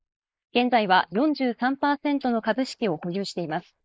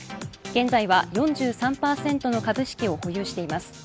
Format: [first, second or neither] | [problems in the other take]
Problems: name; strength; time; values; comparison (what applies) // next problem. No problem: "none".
second | noise reduction (neural mask model Resemble Enhance denoiser)